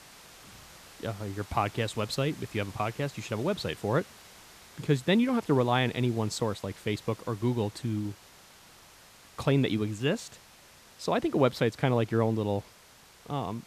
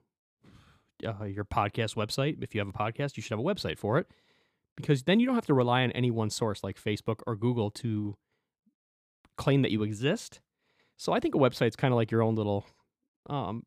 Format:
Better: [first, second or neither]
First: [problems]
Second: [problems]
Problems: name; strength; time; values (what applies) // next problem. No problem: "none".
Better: second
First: hiss; faint; throughout; 20 dB below the speech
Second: none